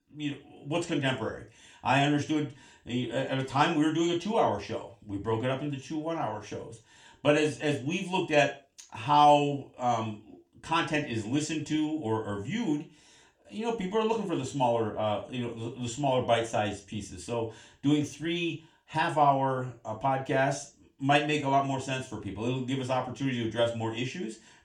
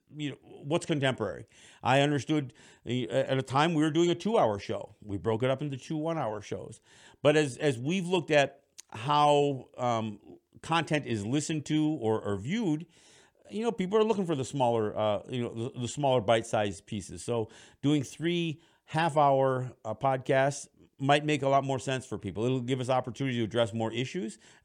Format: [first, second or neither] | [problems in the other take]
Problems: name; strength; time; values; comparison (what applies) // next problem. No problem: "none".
second | room echo; very slight; dies away in 0.3 s // off-mic speech; somewhat distant